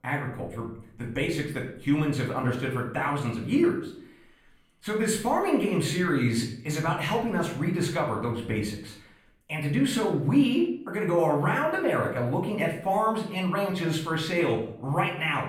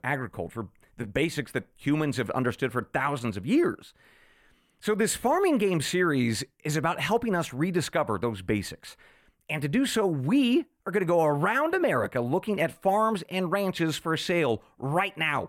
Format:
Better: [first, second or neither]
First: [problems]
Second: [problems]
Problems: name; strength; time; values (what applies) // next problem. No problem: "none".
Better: second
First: off-mic speech; far // room echo; slight; dies away in 0.5 s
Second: none